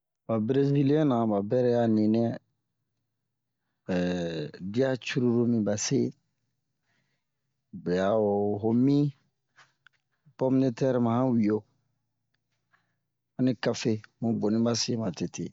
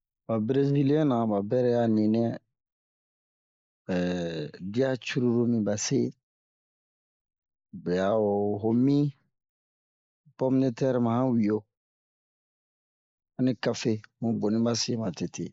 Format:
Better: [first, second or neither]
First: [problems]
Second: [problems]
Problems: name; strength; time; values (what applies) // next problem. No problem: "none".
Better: first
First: none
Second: noise reduction (neural mask model Resemble Enhance denoiser)